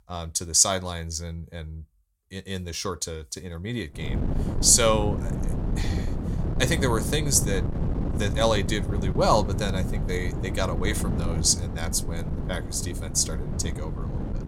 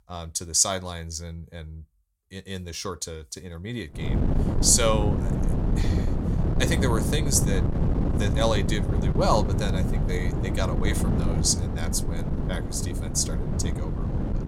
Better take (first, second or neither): first